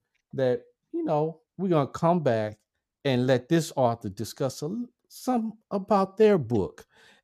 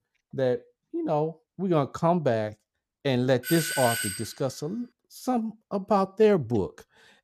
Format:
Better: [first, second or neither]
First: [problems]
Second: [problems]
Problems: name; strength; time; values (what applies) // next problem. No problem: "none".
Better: first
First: none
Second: doorbell; noticeable; at 3.5 s; peak level with the speech